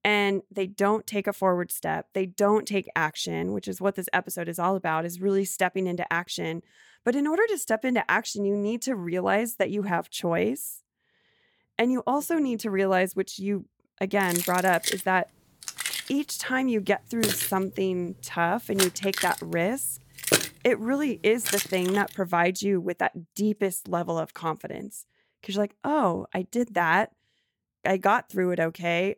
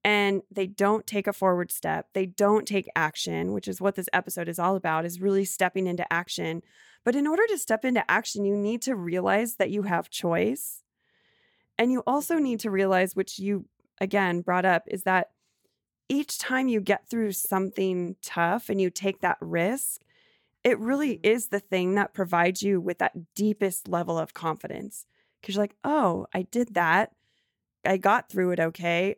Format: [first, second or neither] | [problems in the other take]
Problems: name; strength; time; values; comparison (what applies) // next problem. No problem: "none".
second | jangling keys; loud; from 14 to 22 s; peak 3 dB above the speech